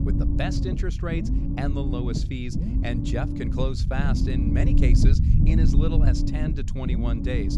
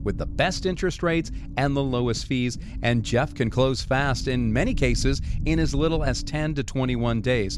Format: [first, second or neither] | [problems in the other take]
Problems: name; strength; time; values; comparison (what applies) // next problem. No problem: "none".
second | low rumble; loud; throughout; 1 dB below the speech; faint in the second